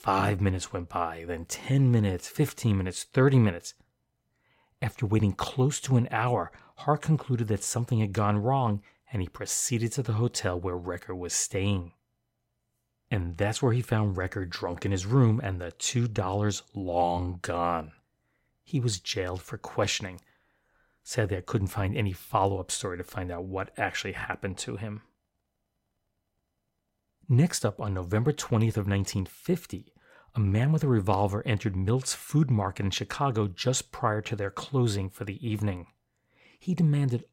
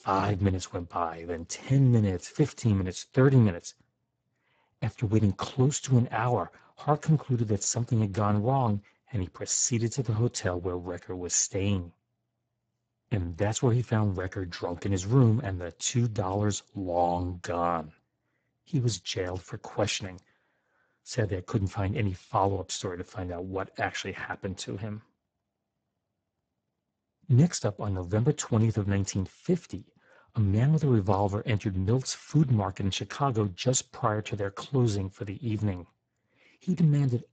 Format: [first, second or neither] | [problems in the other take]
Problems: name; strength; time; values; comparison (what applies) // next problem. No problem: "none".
first | garbled, watery; badly; nothing above 7.5 kHz